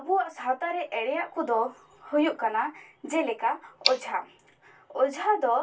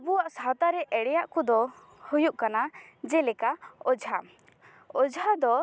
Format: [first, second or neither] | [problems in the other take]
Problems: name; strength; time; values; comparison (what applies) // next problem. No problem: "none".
second | background sound (Tick); 12 dB below the speech // room echo; dies away in 0.2 s